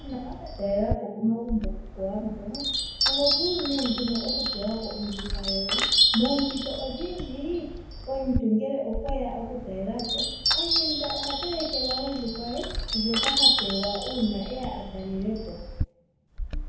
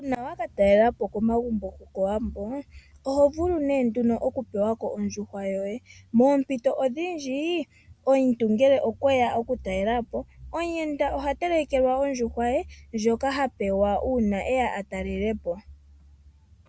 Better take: second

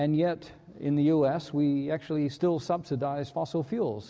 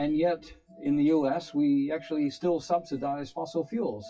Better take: first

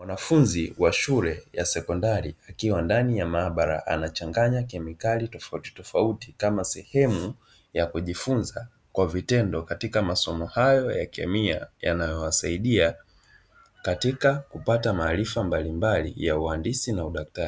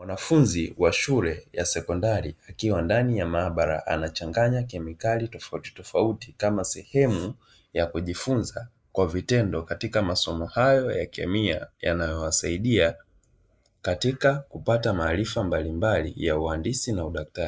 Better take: first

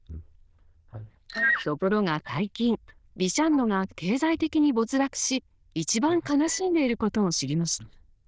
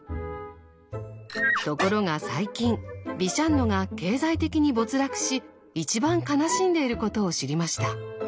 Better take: second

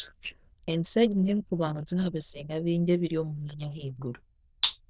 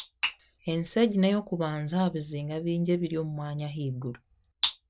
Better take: second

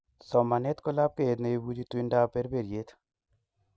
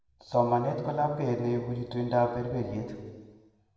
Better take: first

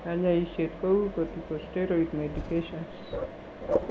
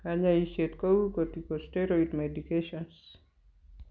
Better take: second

